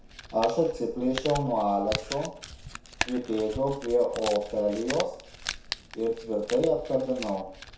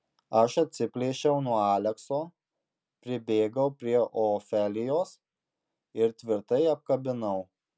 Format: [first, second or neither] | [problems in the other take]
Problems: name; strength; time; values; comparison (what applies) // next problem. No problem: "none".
second | background sound (Crumpling, crinkling); 11 dB below the speech // room echo; dies away in 0.6 s